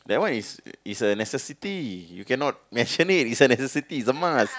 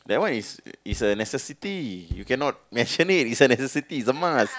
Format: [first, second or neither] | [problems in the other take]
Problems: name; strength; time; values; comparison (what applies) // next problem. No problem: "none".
first | background sound (Bass drum); 13 dB below the speech